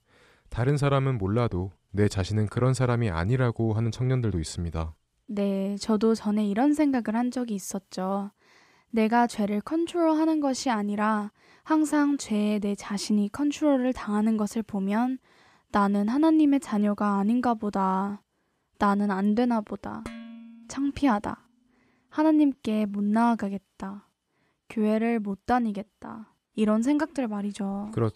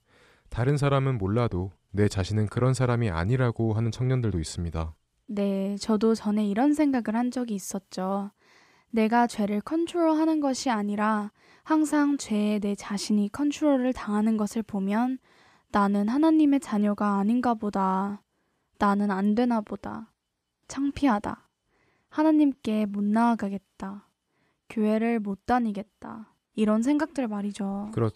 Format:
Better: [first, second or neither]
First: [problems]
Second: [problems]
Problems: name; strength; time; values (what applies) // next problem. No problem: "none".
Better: second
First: clattering dishes; faint; at 20 s; peak 15 dB below the speech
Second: none